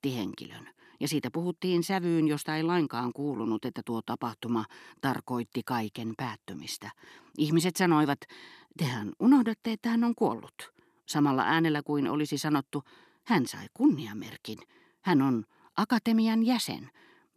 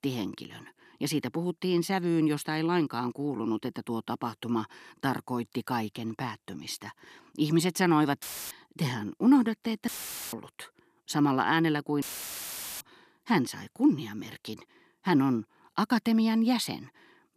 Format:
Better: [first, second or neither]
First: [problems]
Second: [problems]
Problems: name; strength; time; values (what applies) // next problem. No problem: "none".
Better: first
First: none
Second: audio cutting out; filled with static; at 8 s, at 10 s and at 12 s for 1 s